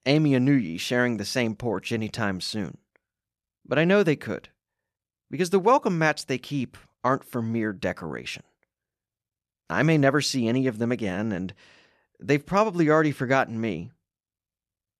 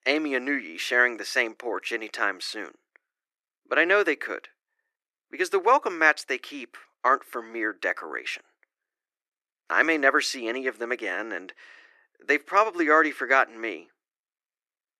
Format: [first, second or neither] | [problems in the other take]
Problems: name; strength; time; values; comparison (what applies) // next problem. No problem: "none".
first | thin; very; fading below 300 Hz